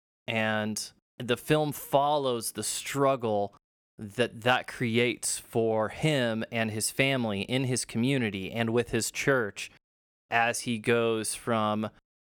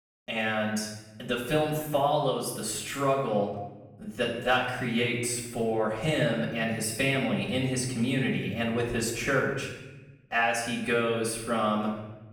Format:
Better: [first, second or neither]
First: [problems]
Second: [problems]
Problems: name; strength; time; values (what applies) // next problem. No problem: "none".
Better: first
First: none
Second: off-mic speech; far // room echo; noticeable; dies away in 1 s